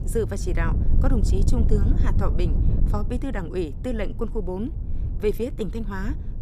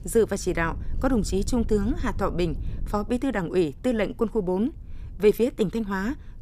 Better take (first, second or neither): second